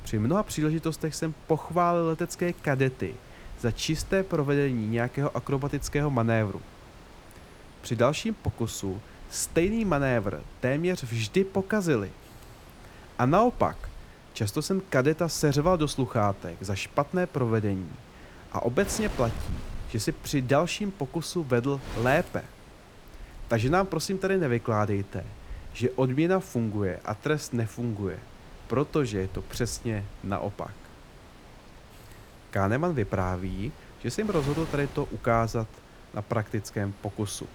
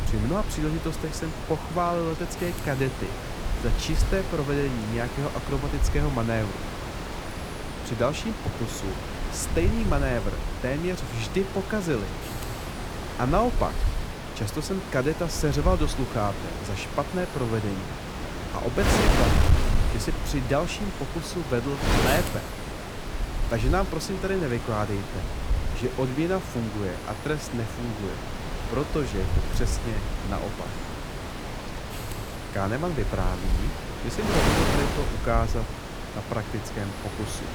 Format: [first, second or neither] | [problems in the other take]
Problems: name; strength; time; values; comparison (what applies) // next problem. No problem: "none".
first | wind noise on the microphone; heavy; 3 dB below the speech; occasional gusts in the first